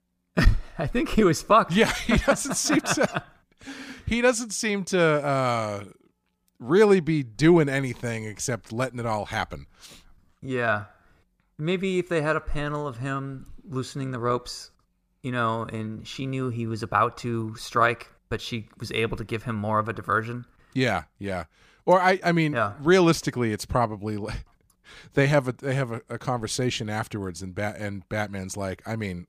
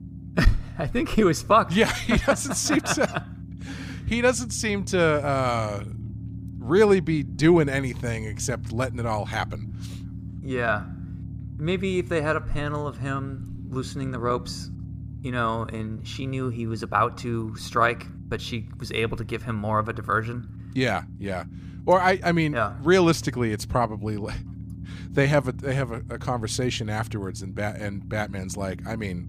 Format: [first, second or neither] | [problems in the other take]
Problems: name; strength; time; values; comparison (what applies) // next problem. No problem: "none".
first | low rumble; faint; throughout; 25 dB below the speech